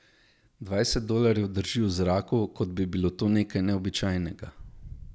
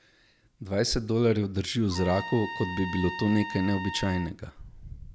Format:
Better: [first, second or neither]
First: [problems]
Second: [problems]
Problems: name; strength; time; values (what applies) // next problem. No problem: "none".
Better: first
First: none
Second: background sound (Trumpet); 10 dB below the speech